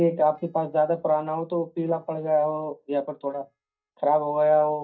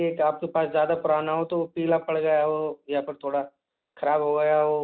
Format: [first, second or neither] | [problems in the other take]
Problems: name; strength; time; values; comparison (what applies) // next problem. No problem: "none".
second | noise reduction (neural mask model DeepFilterNet 3)